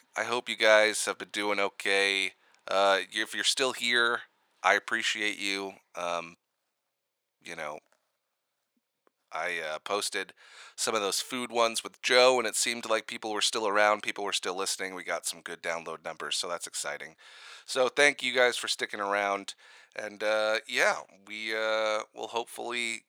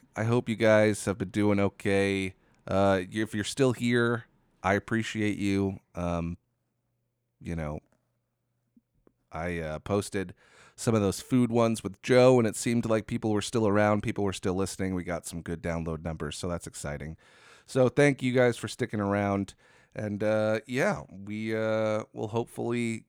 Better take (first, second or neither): second